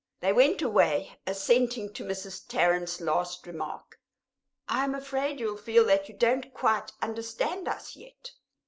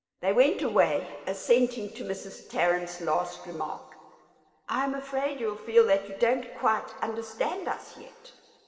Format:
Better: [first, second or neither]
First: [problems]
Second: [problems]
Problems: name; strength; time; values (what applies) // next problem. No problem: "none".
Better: first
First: none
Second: room echo; dies away in 2.5 s